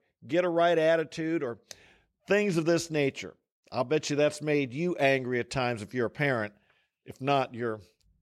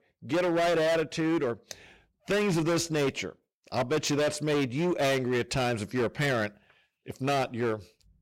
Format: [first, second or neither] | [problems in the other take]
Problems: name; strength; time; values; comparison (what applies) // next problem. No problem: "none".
first | distortion; heavy; 18% of the sound clipped